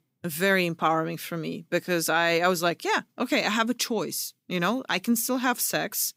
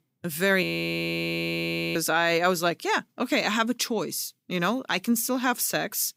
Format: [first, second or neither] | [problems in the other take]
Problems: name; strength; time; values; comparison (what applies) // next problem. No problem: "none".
first | audio freezing; at 0.5 s for 1.5 s